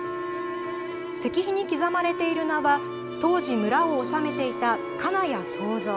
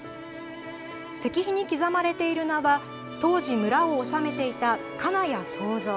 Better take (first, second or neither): second